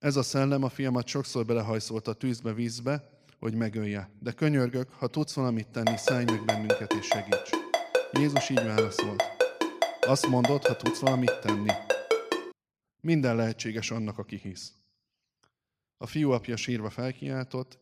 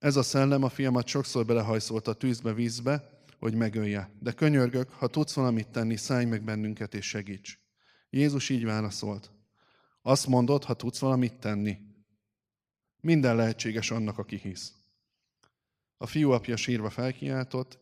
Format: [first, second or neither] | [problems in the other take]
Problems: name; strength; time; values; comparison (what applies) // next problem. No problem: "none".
second | phone ringing; loud; from 6 to 12 s; peak 3 dB above the speech